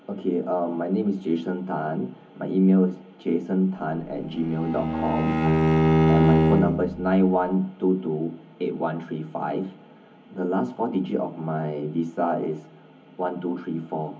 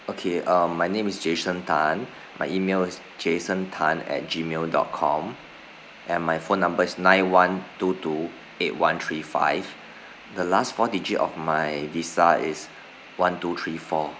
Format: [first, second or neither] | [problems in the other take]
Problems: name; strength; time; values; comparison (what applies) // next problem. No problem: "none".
second | background sound (Bowed string instrument); 4 dB above the speech // room echo; dies away in 0.3 s